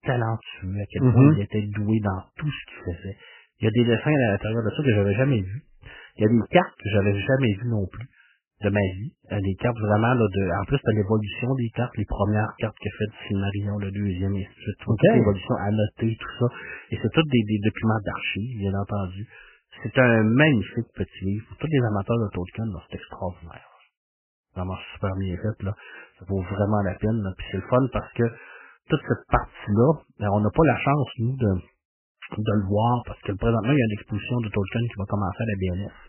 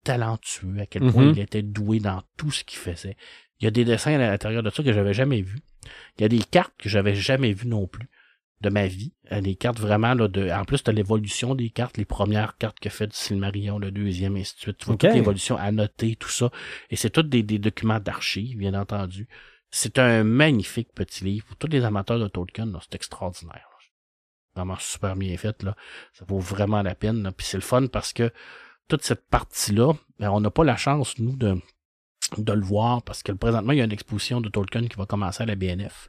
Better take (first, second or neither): second